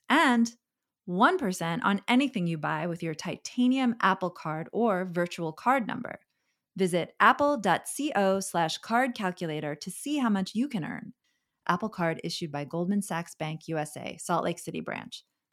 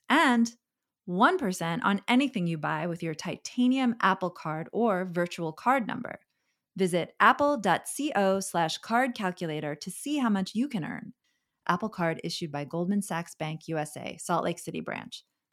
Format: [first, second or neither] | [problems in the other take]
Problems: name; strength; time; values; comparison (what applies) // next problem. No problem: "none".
neither | none